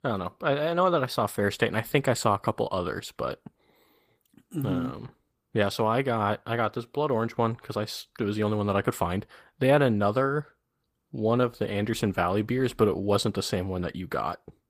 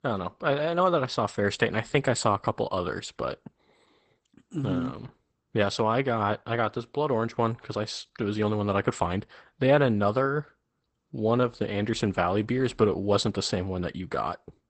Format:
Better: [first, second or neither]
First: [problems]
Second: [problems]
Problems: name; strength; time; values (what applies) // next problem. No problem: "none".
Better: first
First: garbled, watery; slightly; nothing above 15 kHz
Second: garbled, watery; badly; nothing above 8 kHz